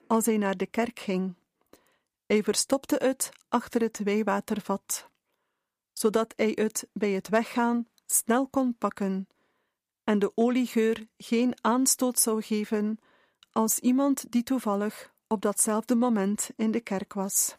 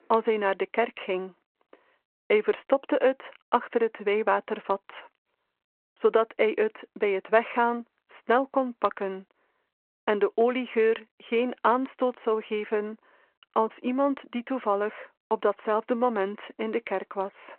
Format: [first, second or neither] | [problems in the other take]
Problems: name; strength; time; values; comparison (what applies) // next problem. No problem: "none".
first | phone-call audio